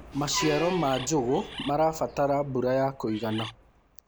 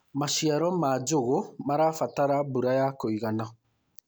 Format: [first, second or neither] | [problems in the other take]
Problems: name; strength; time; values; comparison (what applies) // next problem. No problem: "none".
second | background sound (Bird + Truck); 12 dB below the speech